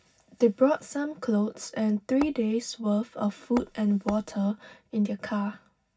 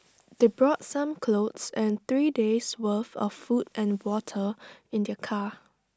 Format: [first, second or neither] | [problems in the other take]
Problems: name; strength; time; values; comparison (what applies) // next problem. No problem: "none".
second | background sound (Tap / Hammer); 11 dB below the speech // room echo; dies away in 0.4 s